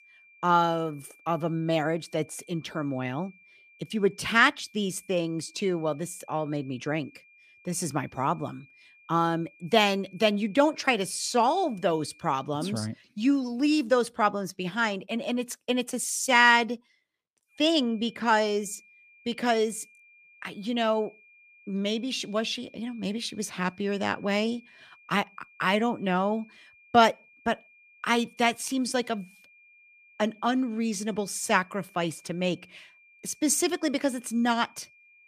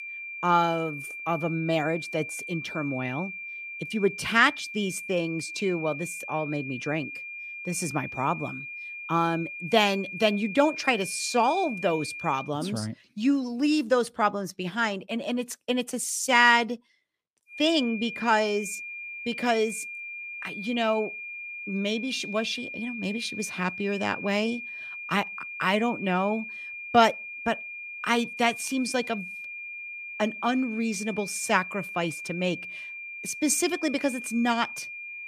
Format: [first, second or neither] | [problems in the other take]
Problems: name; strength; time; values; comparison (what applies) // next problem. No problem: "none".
first | high-pitched whine; loud; until 12 s and from 18 s on; 2.5 kHz, 9 dB below the speech; faint in the first